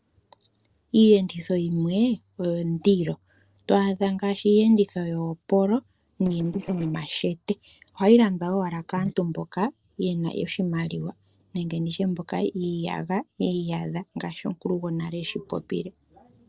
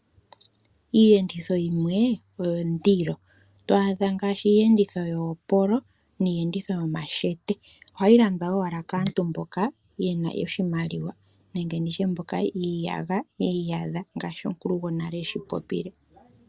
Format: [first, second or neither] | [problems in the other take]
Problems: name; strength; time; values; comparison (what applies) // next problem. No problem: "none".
second | noise reduction (neural separator model SepFormer DNS4)